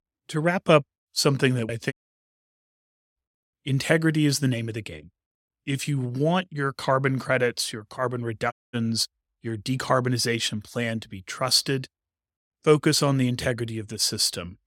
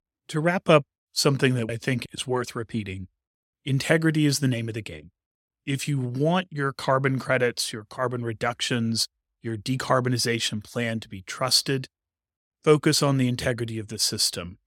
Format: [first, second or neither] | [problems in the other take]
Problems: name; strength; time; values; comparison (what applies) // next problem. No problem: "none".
second | audio cutting out; at 2 s for 1 s and at 8.5 s